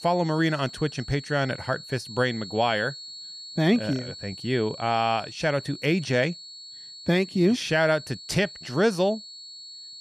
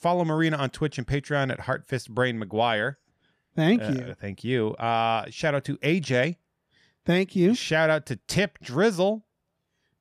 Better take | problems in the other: second | high-pitched whine; noticeable; throughout; 4.5 kHz, 15 dB below the speech

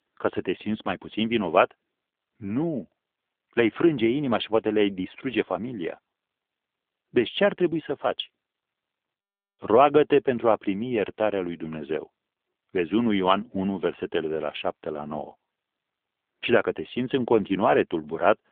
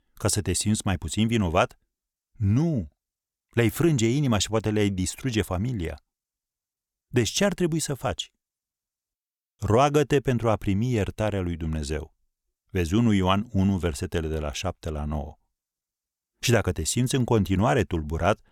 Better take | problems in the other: second | phone-call audio; nothing above 3.5 kHz

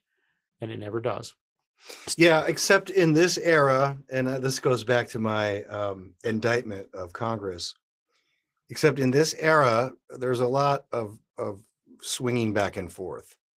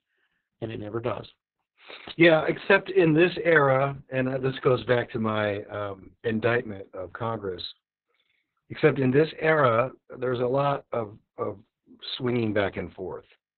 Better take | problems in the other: first | garbled, watery; badly; nothing above 4 kHz; slightly in the first

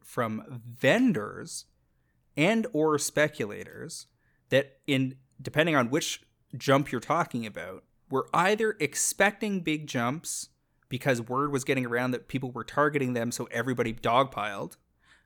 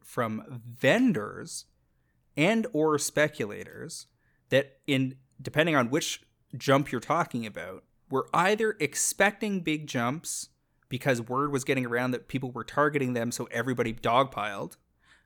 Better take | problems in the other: neither | none

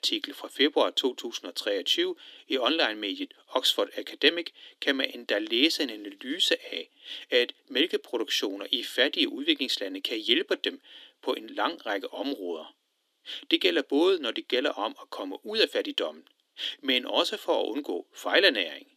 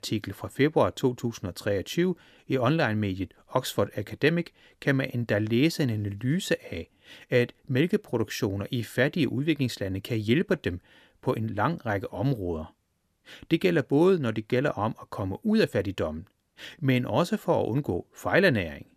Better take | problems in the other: second | thin; somewhat; fading below 300 Hz

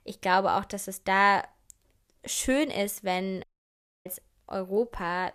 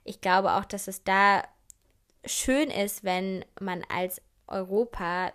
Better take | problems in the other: second | audio cutting out; at 3.5 s for 0.5 s

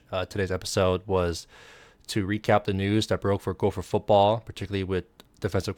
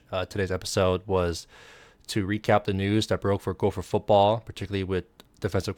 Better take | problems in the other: neither | none

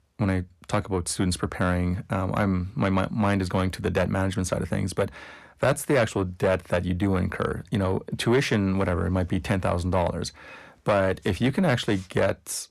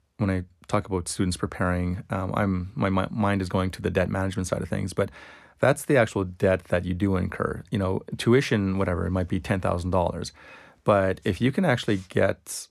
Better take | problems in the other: second | distortion; slight; 10 dB below the speech

